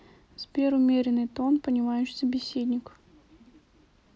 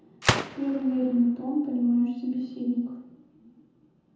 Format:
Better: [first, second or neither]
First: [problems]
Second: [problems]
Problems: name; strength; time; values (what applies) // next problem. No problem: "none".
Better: first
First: none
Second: background sound (Gunshot, gunfire); 7 dB below the speech // room echo; dies away in 0.9 s